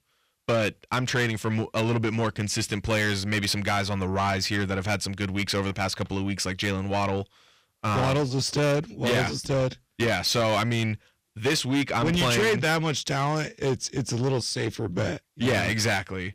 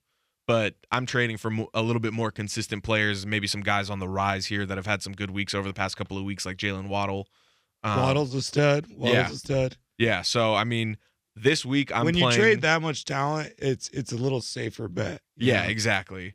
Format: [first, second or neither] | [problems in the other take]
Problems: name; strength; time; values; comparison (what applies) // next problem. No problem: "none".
second | distortion; heavy; 7 dB below the speech